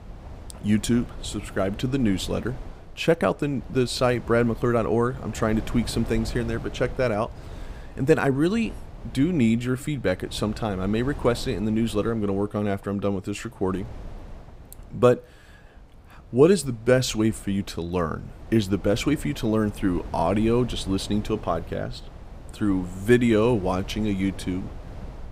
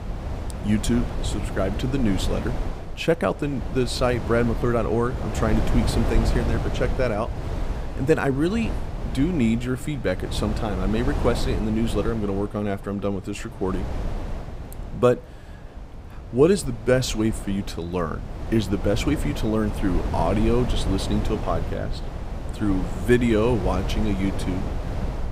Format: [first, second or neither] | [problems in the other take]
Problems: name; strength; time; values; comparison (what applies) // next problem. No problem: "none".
first | wind noise on the microphone; heavy; 9 dB below the speech; occasional gusts in the first